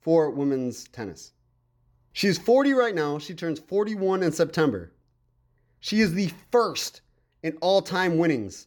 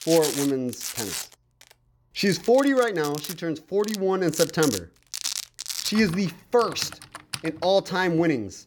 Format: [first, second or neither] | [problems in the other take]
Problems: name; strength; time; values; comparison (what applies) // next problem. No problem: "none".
first | household noises; loud; throughout; 8 dB below the speech